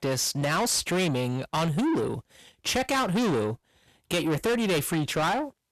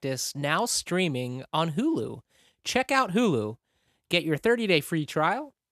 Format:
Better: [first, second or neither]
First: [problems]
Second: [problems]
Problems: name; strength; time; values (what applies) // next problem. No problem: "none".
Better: second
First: distortion; heavy; 6 dB below the speech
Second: none